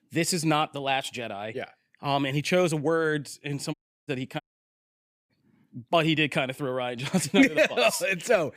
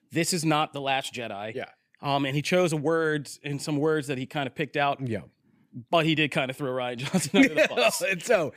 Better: second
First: audio cutting out; at 3.5 s and at 4.5 s for 1 s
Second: none

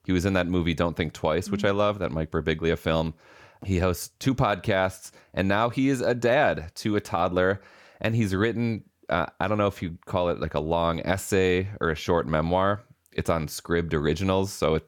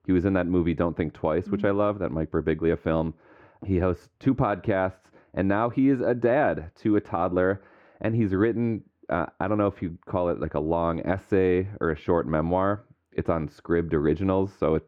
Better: first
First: none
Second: muffled; very; fading above 4 kHz

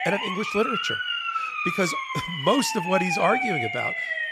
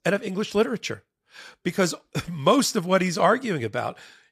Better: second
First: siren; loud; peak 2 dB above the speech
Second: none

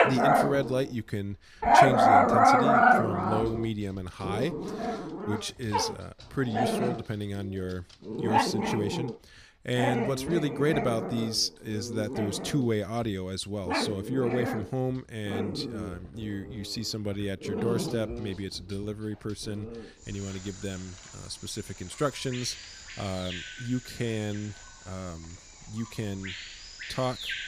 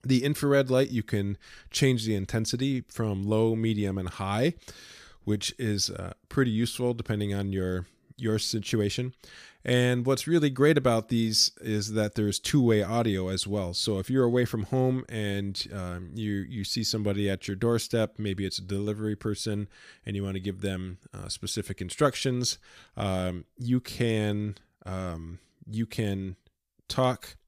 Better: second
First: animal sounds; very loud; throughout; 5 dB above the speech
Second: none

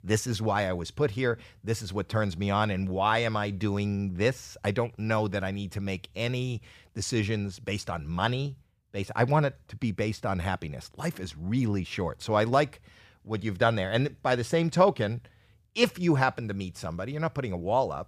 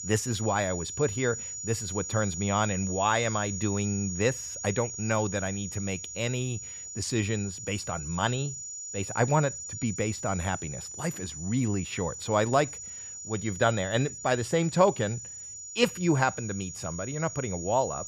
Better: first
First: none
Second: high-pitched whine; loud; throughout; 7 kHz, 7 dB below the speech

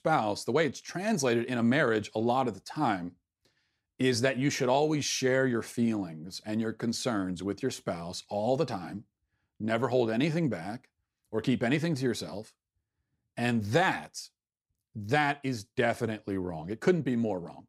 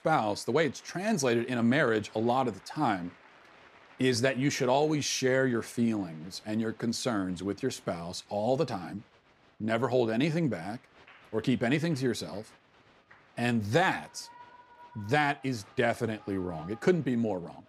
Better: first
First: none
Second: crowd noise; faint; throughout; 25 dB below the speech

